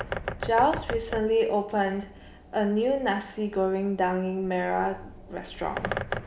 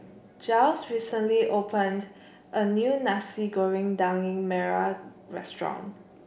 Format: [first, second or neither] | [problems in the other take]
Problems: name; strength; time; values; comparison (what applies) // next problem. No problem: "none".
second | background sound (Bird); 10 dB below the speech